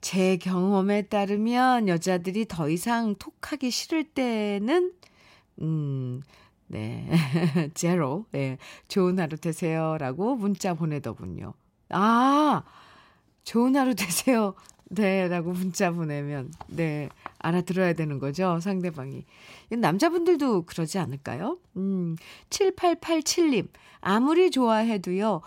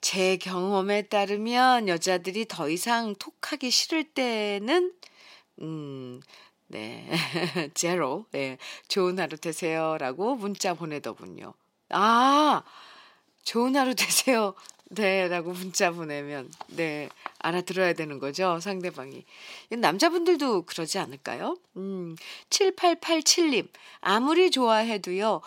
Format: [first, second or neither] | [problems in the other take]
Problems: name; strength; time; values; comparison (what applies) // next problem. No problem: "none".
first | thin; somewhat; fading below 350 Hz